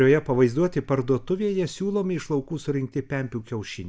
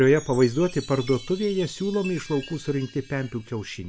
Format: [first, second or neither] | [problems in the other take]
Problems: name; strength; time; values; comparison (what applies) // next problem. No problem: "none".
first | background sound (Chime); 19 dB below the speech